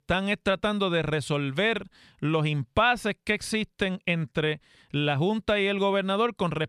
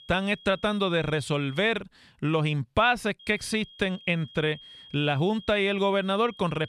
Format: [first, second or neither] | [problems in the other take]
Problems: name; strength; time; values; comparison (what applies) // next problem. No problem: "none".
first | high-pitched whine; faint; until 1.5 s and from 3 s on; 3 kHz, 20 dB below the speech